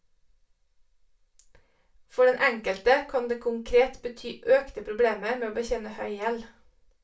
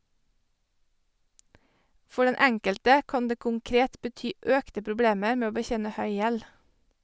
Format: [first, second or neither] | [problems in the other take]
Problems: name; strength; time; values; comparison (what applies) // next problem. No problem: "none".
second | room echo; dies away in 0.3 s